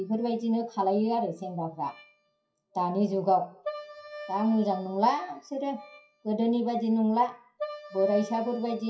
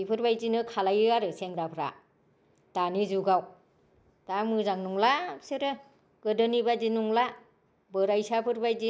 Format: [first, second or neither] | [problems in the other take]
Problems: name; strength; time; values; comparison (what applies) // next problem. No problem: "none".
second | noise reduction (classical method WPE with log-MMSE)